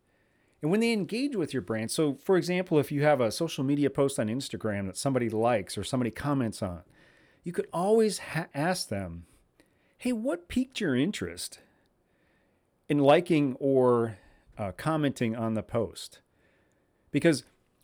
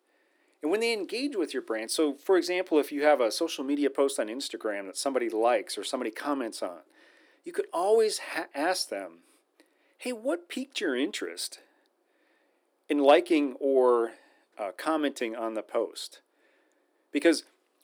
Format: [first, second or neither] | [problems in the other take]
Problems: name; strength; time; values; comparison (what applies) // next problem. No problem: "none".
first | thin; very slightly; fading below 300 Hz